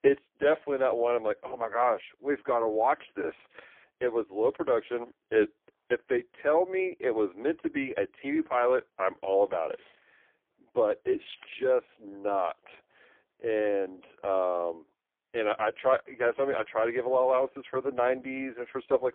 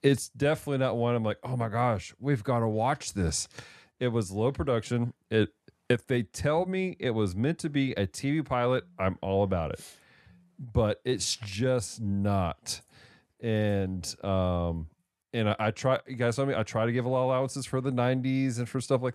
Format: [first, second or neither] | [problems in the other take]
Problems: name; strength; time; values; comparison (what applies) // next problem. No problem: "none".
second | phone-call audio; poor line; nothing above 3.5 kHz